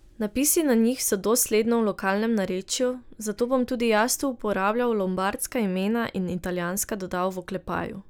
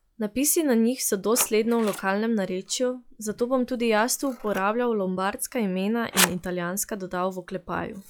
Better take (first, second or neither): first